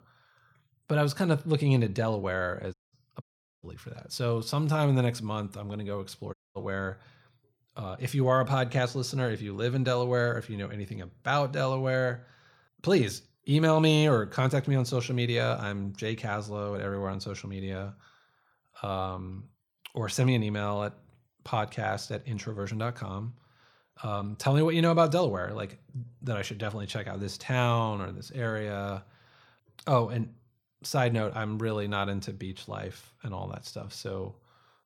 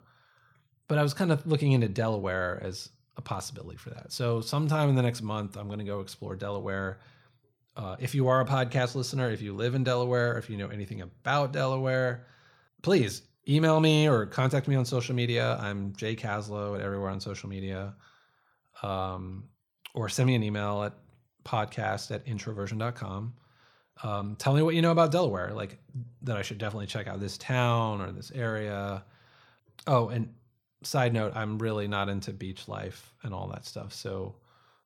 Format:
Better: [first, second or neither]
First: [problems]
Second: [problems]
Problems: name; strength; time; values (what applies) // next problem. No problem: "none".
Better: second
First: audio cutting out; at 2.5 s, at 3 s and at 6.5 s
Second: none